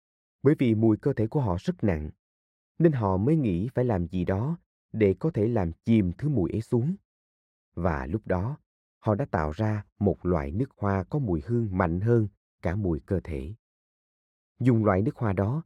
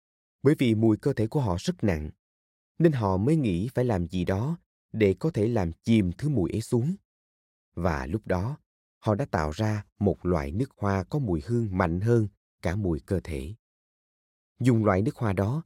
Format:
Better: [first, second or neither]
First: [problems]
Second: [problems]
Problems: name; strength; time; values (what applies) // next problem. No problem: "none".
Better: second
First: muffled; slightly; fading above 3 kHz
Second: none